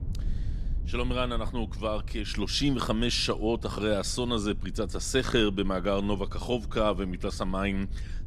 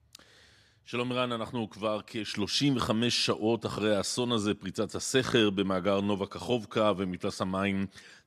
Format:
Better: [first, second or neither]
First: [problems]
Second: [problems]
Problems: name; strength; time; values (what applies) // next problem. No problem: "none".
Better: second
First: low rumble; faint; throughout; 25 dB below the speech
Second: none